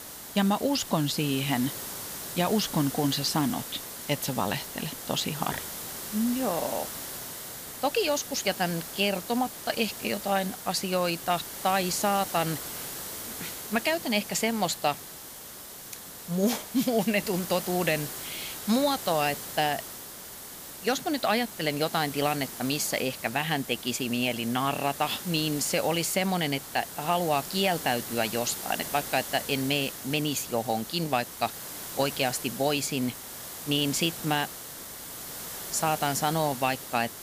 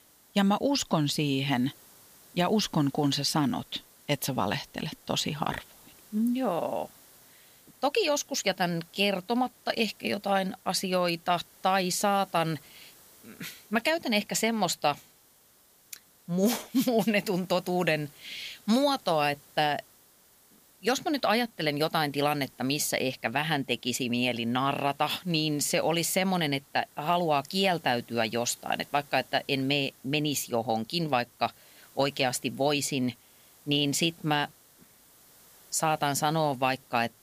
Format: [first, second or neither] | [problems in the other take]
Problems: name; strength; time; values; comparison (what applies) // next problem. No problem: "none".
second | hiss; loud; throughout; 8 dB below the speech; faint in the second